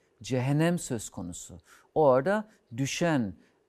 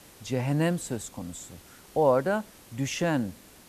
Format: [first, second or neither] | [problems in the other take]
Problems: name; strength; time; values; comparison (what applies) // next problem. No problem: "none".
first | hiss; faint; throughout; 25 dB below the speech